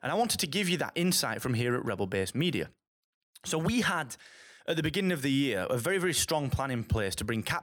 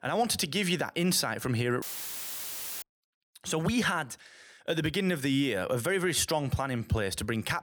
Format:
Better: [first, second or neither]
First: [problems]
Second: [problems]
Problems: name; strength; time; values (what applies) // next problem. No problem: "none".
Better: first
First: none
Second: audio cutting out; filled with static; at 2 s for 1 s